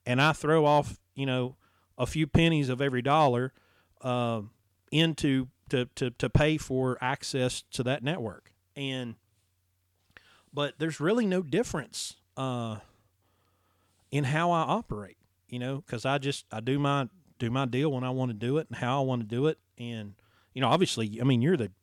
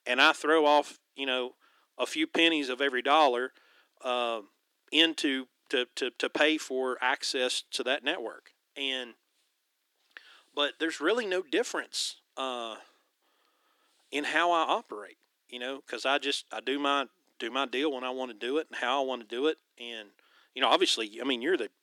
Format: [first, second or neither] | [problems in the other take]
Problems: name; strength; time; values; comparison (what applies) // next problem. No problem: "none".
first | thin; somewhat; fading below 300 Hz